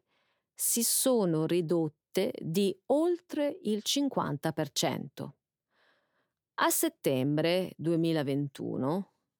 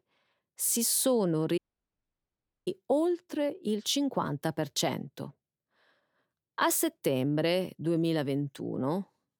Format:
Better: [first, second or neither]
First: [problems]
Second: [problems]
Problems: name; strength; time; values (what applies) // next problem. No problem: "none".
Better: first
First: none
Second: audio cutting out; at 1.5 s for 1 s